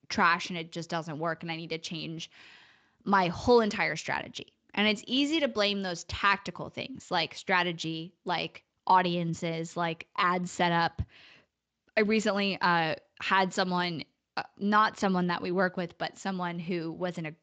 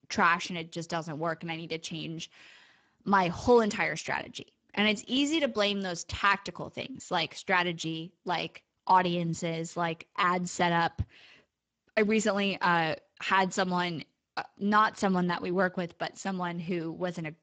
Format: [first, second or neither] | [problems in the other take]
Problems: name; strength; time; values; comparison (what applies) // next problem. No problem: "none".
first | garbled, watery; badly; nothing above 7.5 kHz; slightly in the first